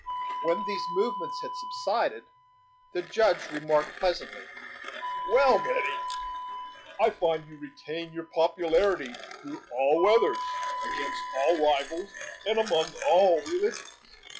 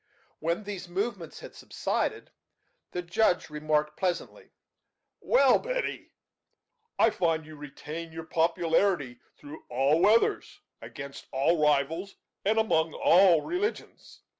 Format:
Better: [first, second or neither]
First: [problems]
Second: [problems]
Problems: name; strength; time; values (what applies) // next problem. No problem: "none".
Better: second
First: noise reduction (classical method log-MMSE)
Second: none